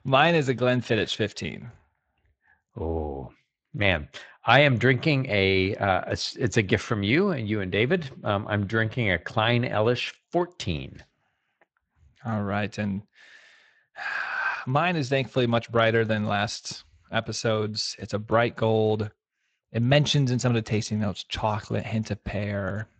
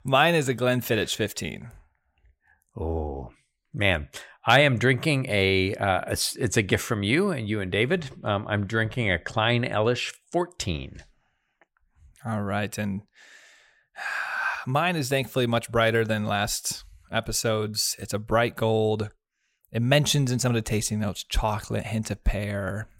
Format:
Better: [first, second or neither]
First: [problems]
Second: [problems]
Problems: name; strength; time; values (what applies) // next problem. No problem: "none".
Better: second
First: garbled, watery; slightly; nothing above 7.5 kHz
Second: none